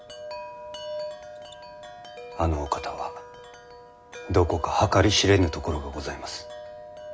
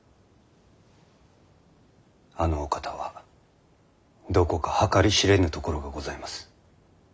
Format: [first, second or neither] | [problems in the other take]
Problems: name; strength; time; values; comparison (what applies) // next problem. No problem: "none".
second | background sound (Wind chime); 13 dB below the speech